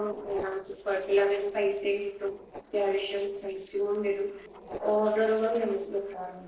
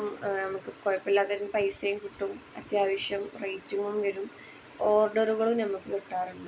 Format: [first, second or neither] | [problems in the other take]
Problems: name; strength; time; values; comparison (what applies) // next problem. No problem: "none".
second | noise reduction (neural separator model SepFormer DNS4)